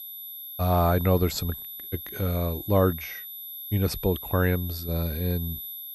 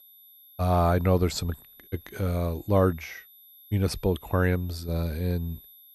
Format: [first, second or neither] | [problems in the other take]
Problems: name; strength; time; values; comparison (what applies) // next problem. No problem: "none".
second | high-pitched whine; loud; throughout; 12 kHz, 9 dB below the speech; faint in the second